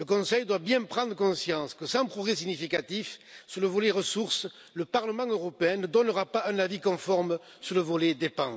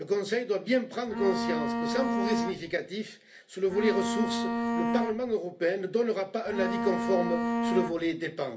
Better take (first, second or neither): first